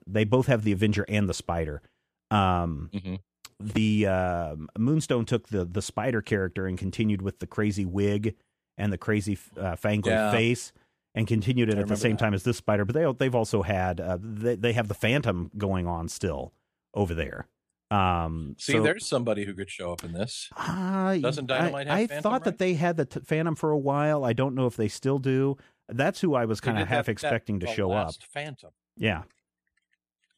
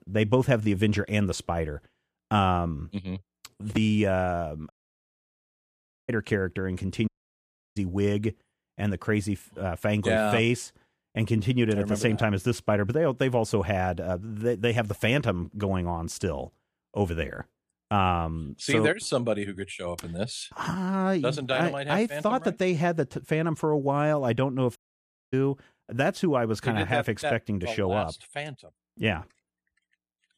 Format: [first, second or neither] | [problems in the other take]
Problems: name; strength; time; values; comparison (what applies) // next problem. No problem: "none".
first | audio cutting out; at 4.5 s for 1.5 s, at 7 s for 0.5 s and at 25 s for 0.5 s